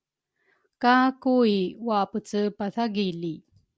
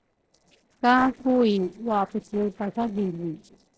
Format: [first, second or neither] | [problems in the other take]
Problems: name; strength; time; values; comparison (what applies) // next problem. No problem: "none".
first | noise reduction (neural separator model SepFormer DNS4)